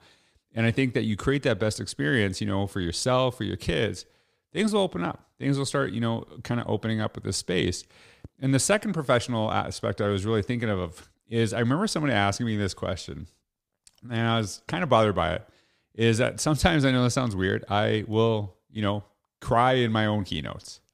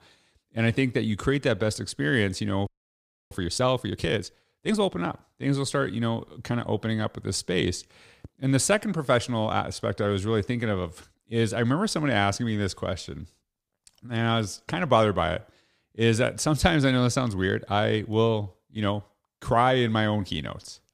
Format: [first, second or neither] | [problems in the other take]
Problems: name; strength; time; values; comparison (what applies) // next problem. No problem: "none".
first | audio freezing; at 2.5 s for 0.5 s